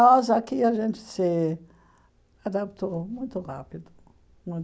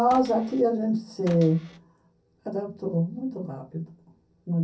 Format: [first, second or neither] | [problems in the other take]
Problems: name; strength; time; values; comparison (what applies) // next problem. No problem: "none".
first | background sound (Cupboard open or close / Door); 19 dB below the speech // room echo; dies away in 0.3 s